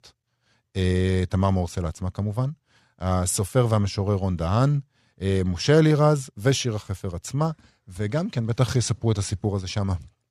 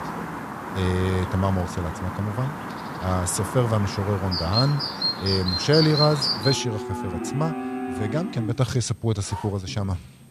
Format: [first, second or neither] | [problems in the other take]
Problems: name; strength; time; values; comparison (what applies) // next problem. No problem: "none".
first | animal sounds; loud; throughout; 3 dB below the speech